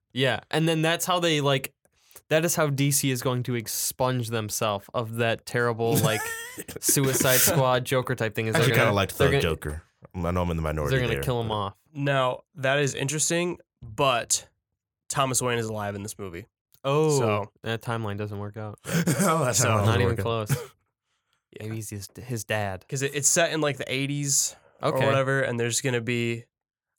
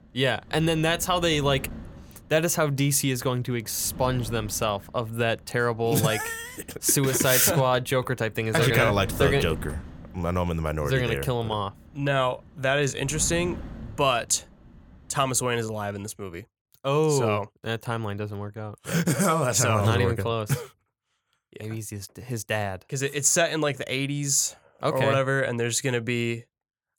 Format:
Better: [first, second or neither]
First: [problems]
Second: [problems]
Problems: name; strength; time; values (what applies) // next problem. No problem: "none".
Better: first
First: none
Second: wind noise on the microphone; occasional gusts; until 15 s; 20 dB below the speech